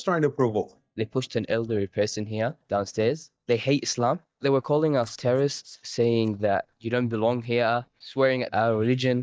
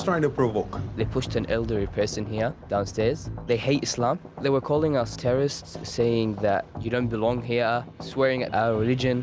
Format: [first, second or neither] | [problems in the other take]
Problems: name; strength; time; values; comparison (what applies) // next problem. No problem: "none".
second | noise reduction (neural mask model DeepFilterNet 3)